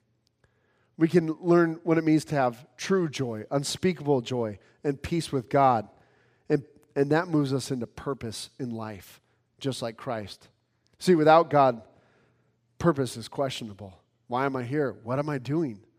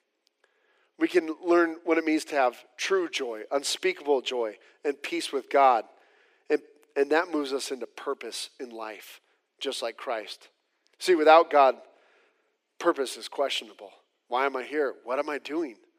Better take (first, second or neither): first